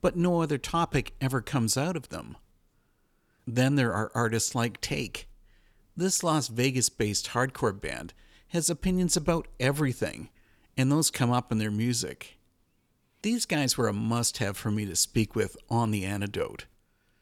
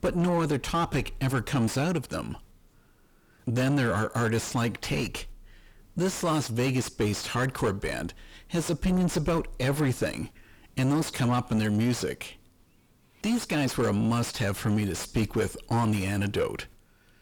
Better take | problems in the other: first | distortion; heavy; 5 dB below the speech

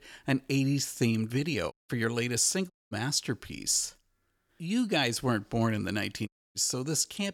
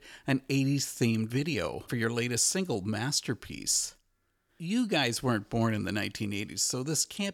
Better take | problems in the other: second | audio cutting out; at 1.5 s, at 2.5 s and at 6.5 s

